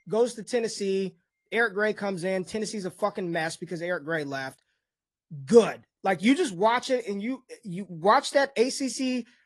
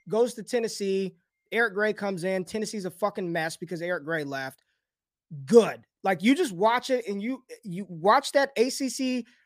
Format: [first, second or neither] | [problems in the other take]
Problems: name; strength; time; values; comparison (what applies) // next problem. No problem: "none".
second | garbled, watery; slightly